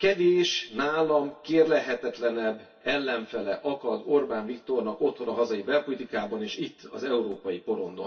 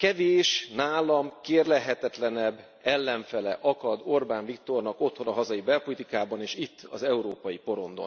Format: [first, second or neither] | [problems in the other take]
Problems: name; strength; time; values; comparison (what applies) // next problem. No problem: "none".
second | room echo; dies away in 0.2 s